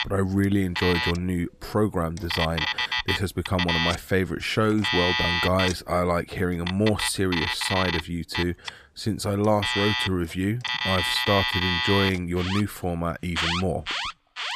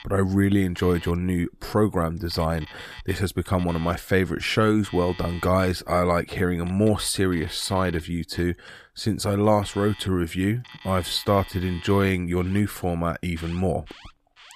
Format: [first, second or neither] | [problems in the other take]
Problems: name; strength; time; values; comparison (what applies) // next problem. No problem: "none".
second | alarms or sirens; loud; throughout; 1 dB below the speech; faint in the second